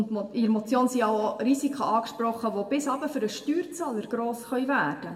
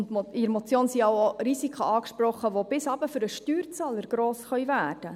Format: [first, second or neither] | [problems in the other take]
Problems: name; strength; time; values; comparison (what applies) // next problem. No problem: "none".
second | room echo; dies away in 1.1 s